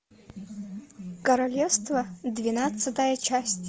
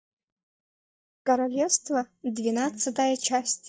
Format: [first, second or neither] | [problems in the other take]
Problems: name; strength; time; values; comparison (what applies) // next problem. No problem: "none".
first | noise reduction (neural mask model DeepFilterNet 3)